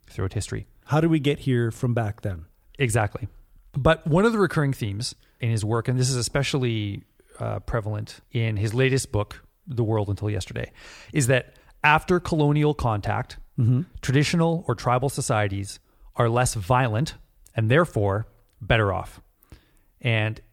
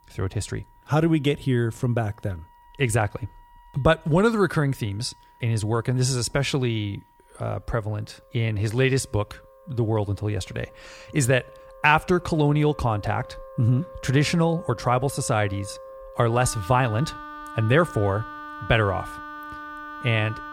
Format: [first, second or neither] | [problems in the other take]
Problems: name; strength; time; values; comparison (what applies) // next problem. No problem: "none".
first | background music; noticeable; throughout; 15 dB below the speech